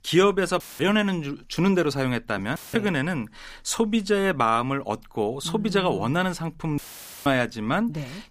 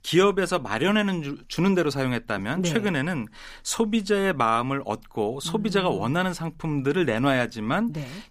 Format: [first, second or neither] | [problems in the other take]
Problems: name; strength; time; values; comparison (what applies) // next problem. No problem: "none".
second | audio cutting out; filled with static; at 0.5 s, at 2.5 s and at 7 s